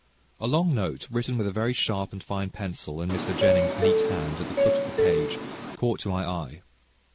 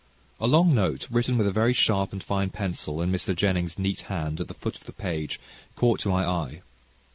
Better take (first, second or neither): second